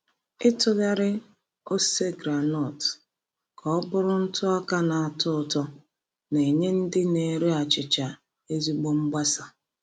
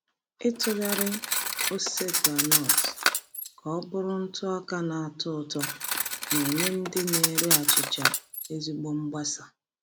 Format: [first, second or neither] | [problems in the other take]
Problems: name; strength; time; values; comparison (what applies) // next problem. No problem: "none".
first | background sound (Cutlery, silverware); 3 dB above the speech